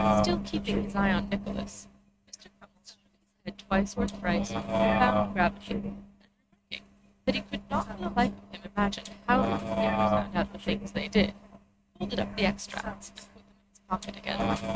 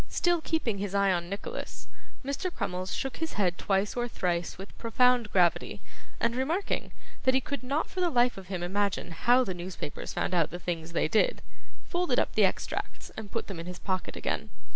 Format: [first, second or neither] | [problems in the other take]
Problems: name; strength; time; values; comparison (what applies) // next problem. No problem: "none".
second | noise reduction (neural mask model RNNoise)